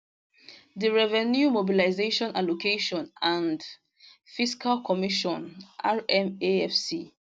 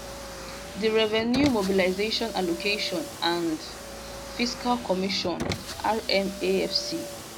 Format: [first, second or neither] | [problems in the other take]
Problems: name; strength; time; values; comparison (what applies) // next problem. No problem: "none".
first | background sound (Car); 9 dB below the speech